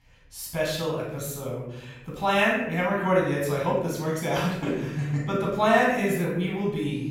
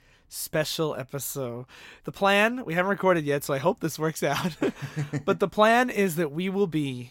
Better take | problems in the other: second | off-mic speech; far // room echo; noticeable; dies away in 0.8 s

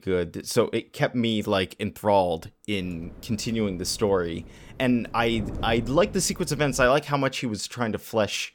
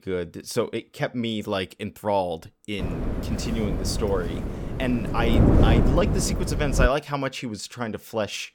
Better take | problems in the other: first | wind noise on the microphone; heavy; from 3 to 7 s; 3 dB below the speech; occasional gusts in the first

